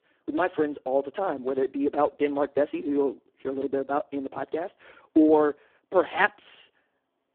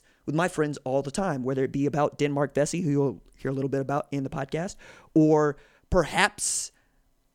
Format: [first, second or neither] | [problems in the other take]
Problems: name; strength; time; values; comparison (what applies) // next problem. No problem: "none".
second | phone-call audio; poor line